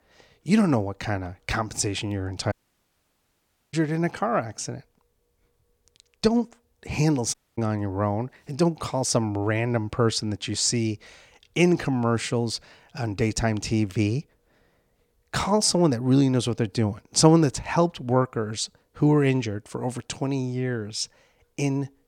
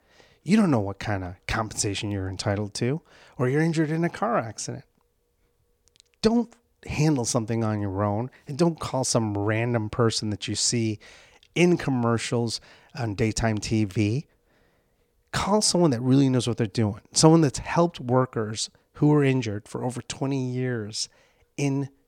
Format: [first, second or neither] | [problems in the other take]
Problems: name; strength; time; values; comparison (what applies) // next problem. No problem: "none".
second | audio cutting out; at 2.5 s for 1 s and at 7.5 s